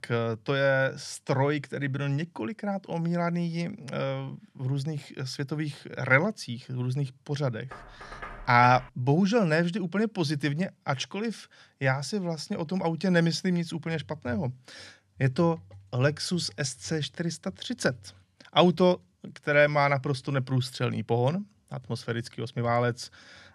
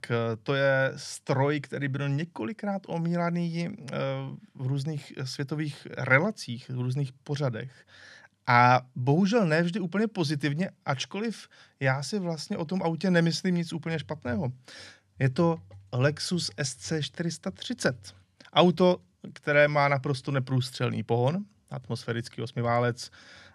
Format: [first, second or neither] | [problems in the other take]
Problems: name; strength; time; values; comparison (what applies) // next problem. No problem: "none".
second | door banging; faint; from 7.5 to 9 s; peak 10 dB below the speech